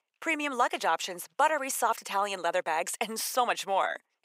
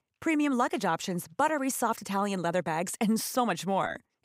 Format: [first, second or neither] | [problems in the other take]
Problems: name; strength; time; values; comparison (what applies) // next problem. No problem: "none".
second | thin; very; fading below 600 Hz